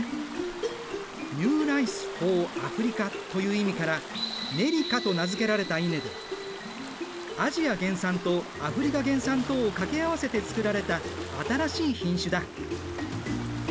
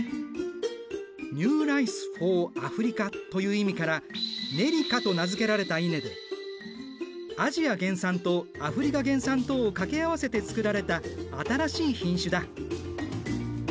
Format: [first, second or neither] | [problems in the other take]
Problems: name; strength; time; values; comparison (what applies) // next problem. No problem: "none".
second | background sound (Stream / Ocean); 13 dB below the speech